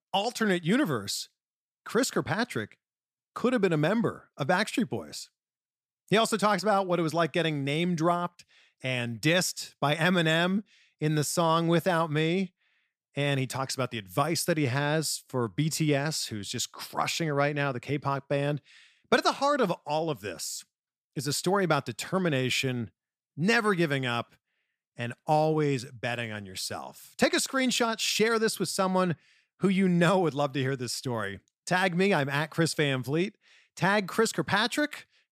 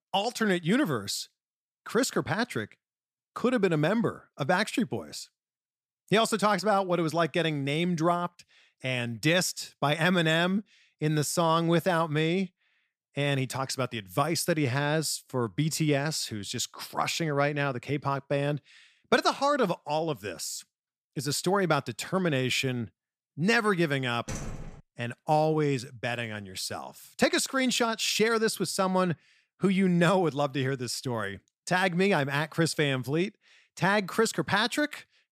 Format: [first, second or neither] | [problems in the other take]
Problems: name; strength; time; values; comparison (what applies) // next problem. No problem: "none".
first | door banging; faint; at 24 s; peak 10 dB below the speech